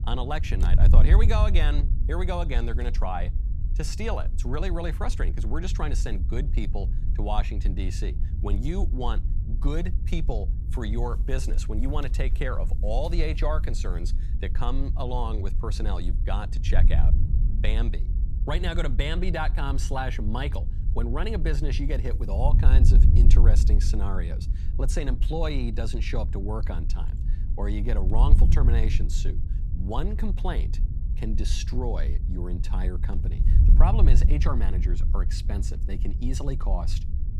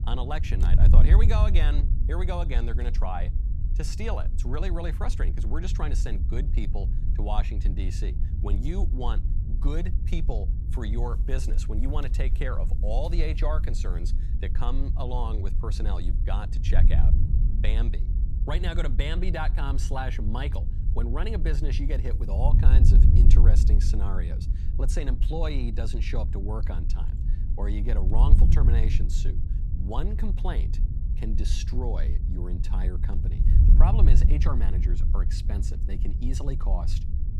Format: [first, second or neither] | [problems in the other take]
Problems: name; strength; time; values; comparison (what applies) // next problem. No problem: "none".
first | wind noise on the microphone; heavy; 7 dB below the speech; occasional gusts in the first